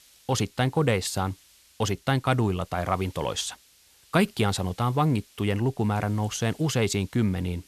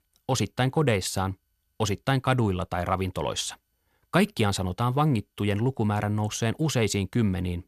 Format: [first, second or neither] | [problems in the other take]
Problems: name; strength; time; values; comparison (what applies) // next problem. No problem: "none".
second | hiss; faint; throughout; 25 dB below the speech